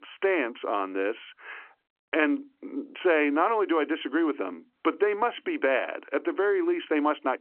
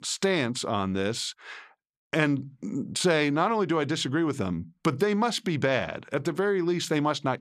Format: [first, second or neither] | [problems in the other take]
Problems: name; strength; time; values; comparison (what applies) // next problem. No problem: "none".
second | phone-call audio